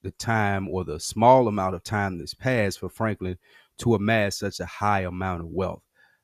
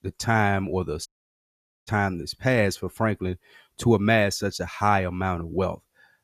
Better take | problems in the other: first | audio cutting out; at 1 s for 1 s

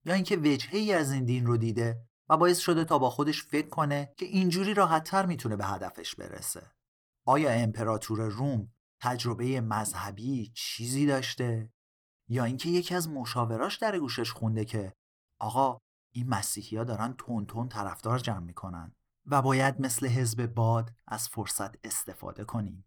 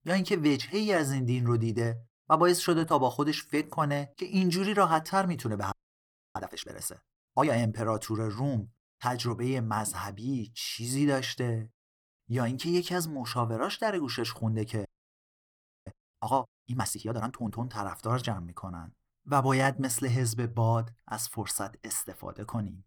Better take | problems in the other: first | audio freezing; at 5.5 s for 0.5 s and at 15 s for 1 s

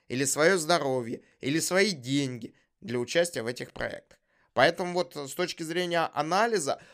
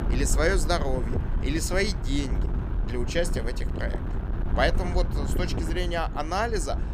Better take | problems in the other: first | wind noise on the microphone; occasional gusts; 10 dB below the speech

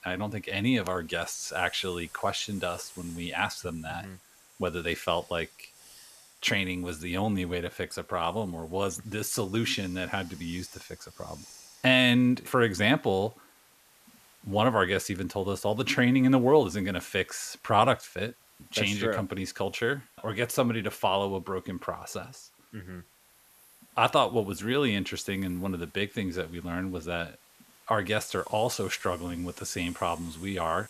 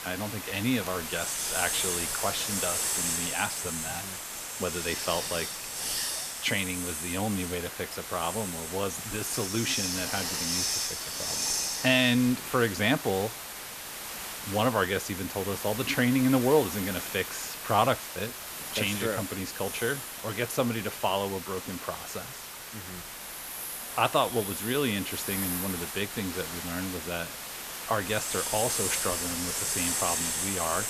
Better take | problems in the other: first | hiss; loud; throughout; 2 dB below the speech; faint in the first

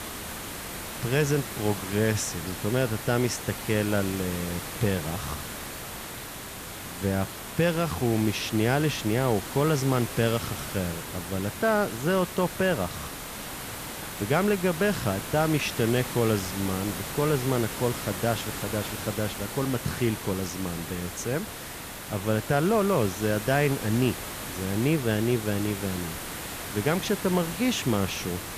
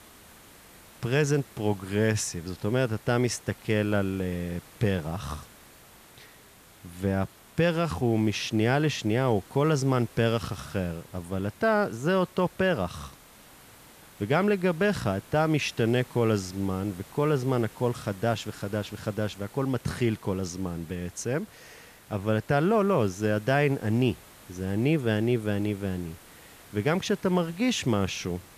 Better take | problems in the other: second | hiss; loud; throughout; 7 dB below the speech; faint in the second

